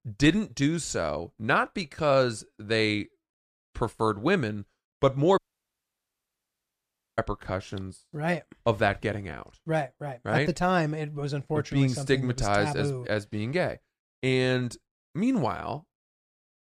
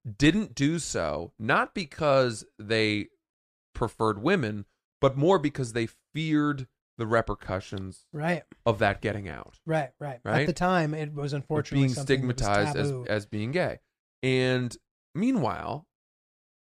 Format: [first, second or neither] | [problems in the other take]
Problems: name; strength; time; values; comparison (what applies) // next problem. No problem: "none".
second | audio cutting out; at 5.5 s for 2 s